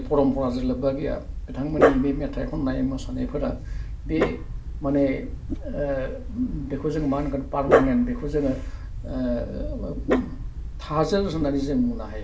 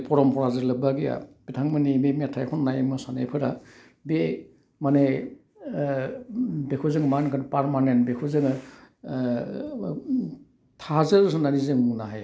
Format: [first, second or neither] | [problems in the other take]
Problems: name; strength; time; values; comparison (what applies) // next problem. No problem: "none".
second | background sound (Dog); 2 dB below the speech // room echo; dies away in 0.1 s